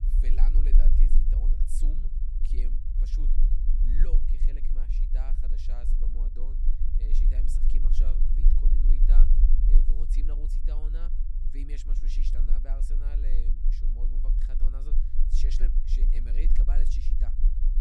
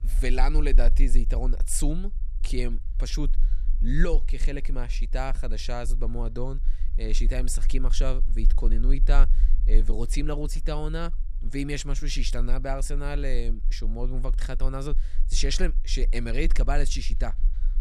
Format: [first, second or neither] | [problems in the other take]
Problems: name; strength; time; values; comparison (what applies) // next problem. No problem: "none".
second | low rumble; loud; throughout; 2 dB below the speech; faint in the second